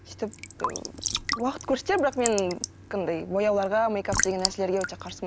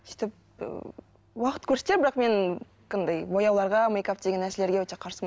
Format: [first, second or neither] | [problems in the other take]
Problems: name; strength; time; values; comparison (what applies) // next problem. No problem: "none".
second | background sound (Raindrop / Drip / Trickle, dribble); 6 dB below the speech